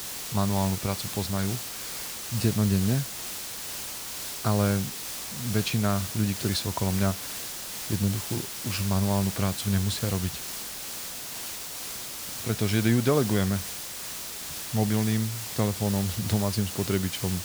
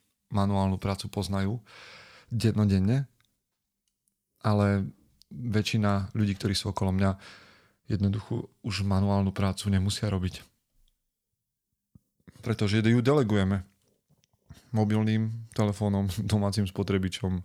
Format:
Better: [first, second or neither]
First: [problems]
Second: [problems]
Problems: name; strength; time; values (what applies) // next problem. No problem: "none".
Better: second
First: hiss; loud; throughout; 5 dB below the speech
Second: none